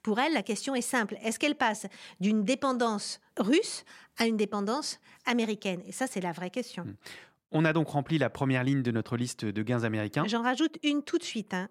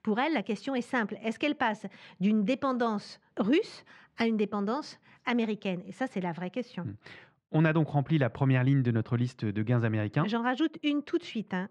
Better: first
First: none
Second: muffled; slightly; fading above 3 kHz

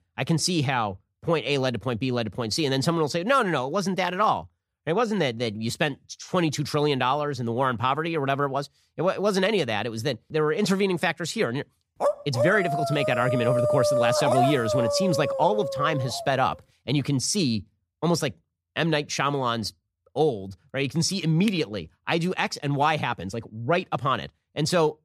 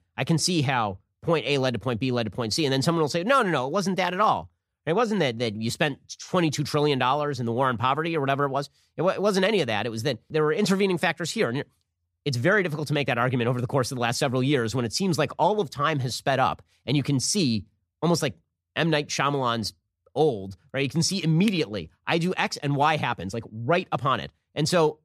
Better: second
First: dog barking; loud; from 12 to 16 s; peak 3 dB above the speech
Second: none

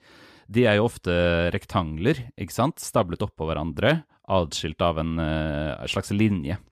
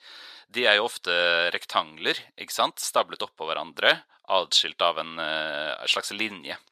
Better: first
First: none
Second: thin; very; fading below 700 Hz

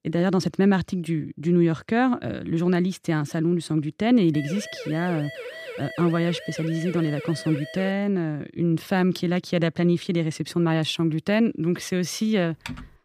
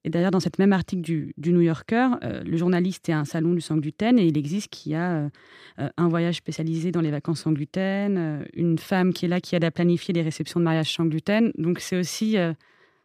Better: second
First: siren; faint; from 4.5 to 8 s; peak 10 dB below the speech // keyboard typing; faint; at 12 s; peak 15 dB below the speech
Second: none

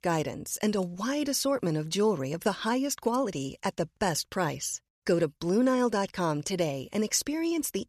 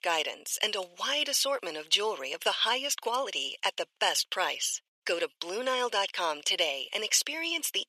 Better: first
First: none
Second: thin; very; fading below 550 Hz

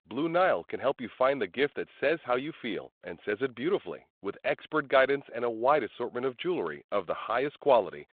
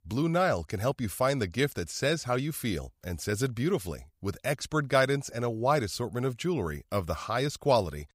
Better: second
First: phone-call audio; nothing above 4 kHz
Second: none

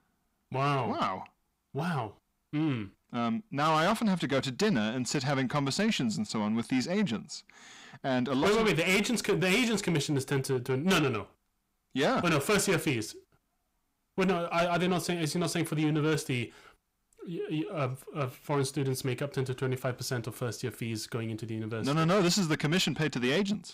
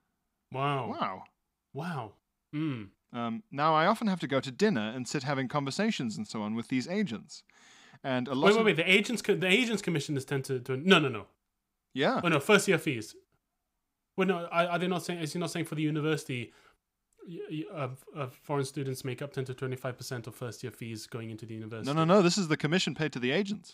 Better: second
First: distortion; heavy; 7 dB below the speech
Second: none

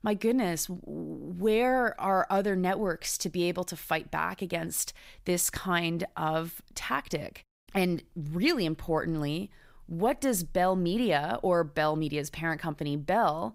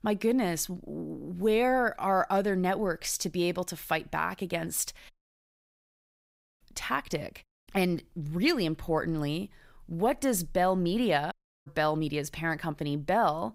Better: first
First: none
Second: audio cutting out; at 5 s for 1.5 s and at 11 s

